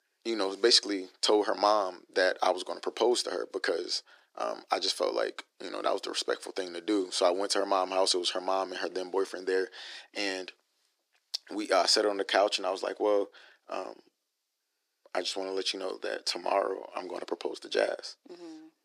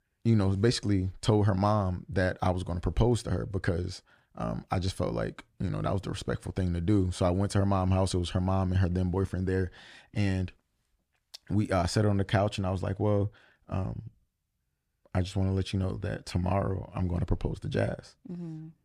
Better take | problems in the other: second | thin; very; fading below 350 Hz

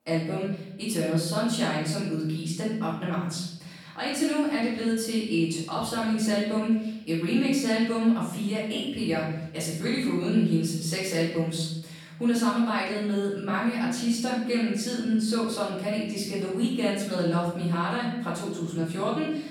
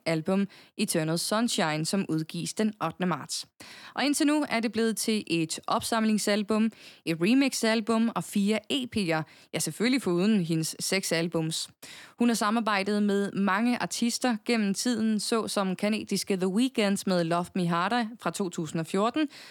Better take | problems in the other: second | off-mic speech; far // room echo; noticeable; dies away in 1.1 s

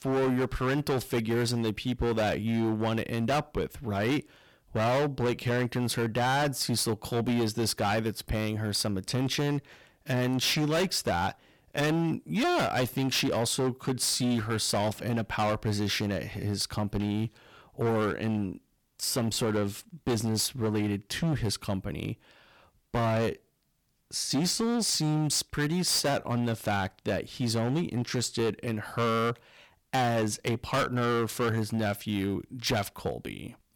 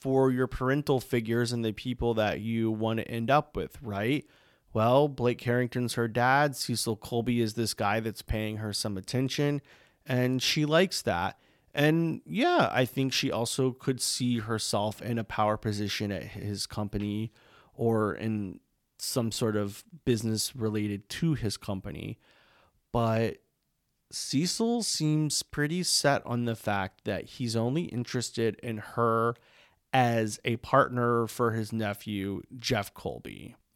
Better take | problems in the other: second | distortion; heavy; 16% of the sound clipped

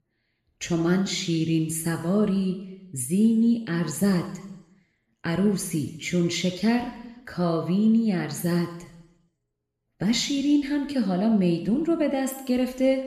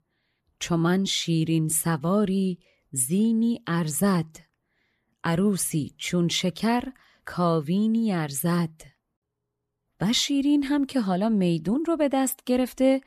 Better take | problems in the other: second | room echo; slight; dies away in 0.9 s

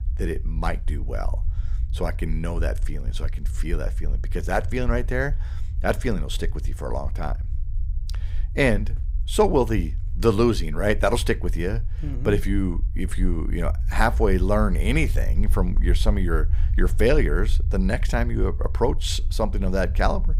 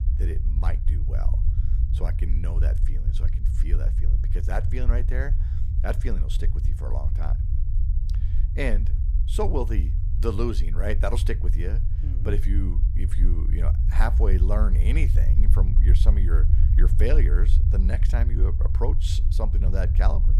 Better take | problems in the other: first | low rumble; loud; throughout; 8 dB below the speech; faint in the first

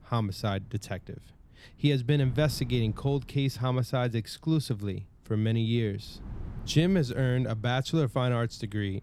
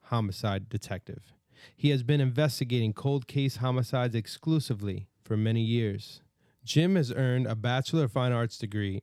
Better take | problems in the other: second | wind noise on the microphone; occasional gusts; 25 dB below the speech

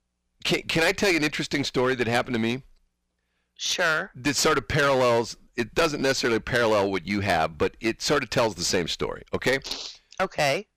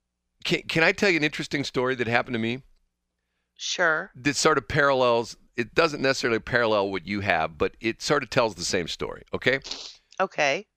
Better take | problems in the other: second | distortion; heavy; 9% of the sound clipped

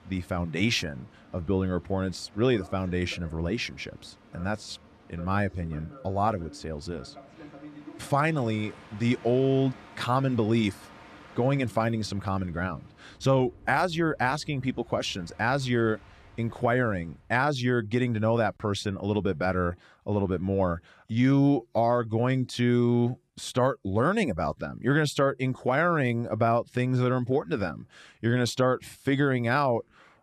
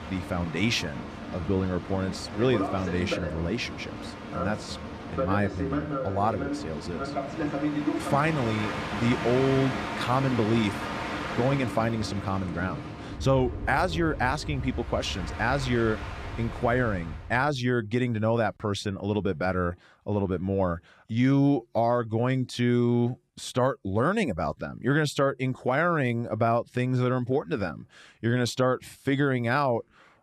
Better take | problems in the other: first | train or aircraft noise; loud; until 17 s; 6 dB below the speech; faint in the first

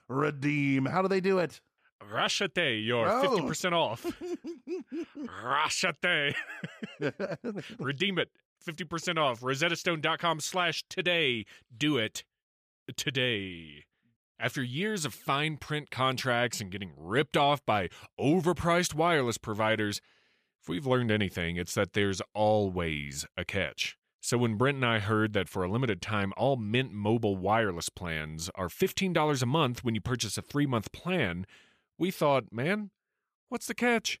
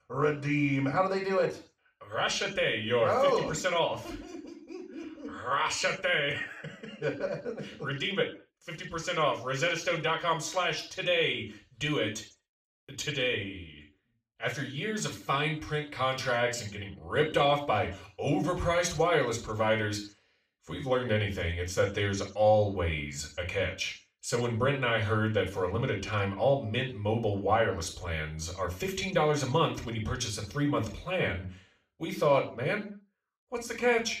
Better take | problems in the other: first | room echo; slight; dies away in 0.4 s // off-mic speech; far

